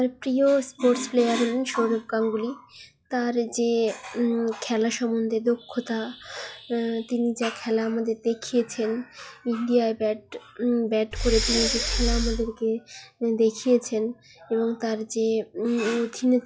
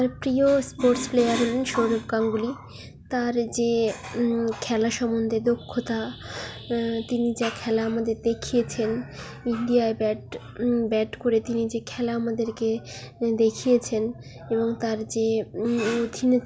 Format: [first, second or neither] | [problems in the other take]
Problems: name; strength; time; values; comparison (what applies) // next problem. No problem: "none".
second | noise reduction (classical method log-MMSE)